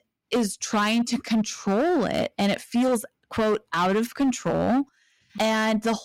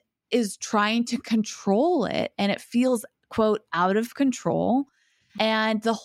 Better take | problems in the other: second | distortion; slight; 14% of the sound clipped

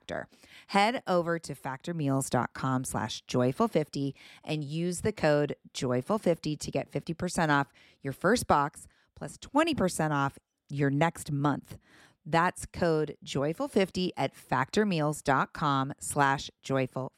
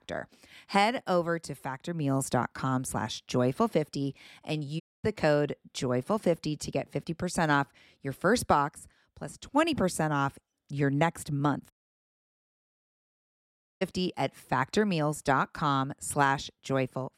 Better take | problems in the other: first | audio cutting out; at 5 s and at 12 s for 2 s

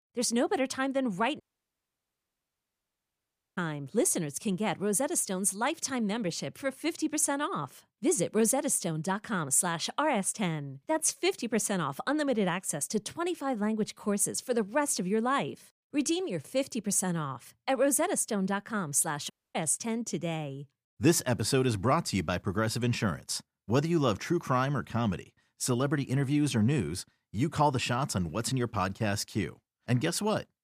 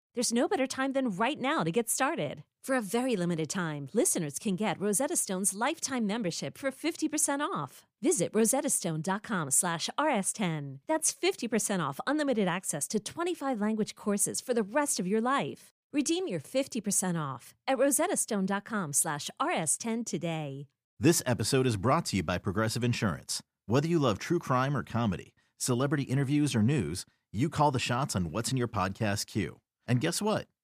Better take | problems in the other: second | audio cutting out; at 1.5 s for 2 s and at 19 s

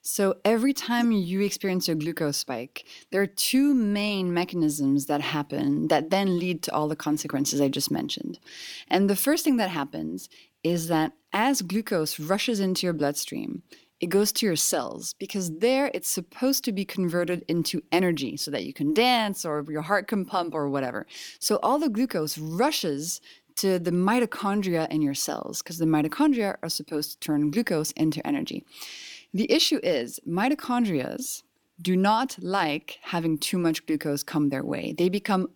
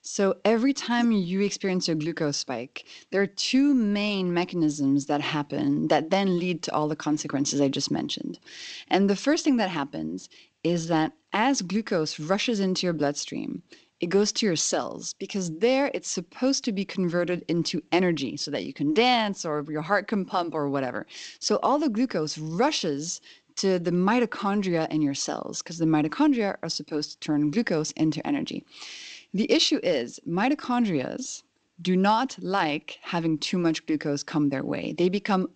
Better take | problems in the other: first | garbled, watery; slightly; nothing above 7.5 kHz

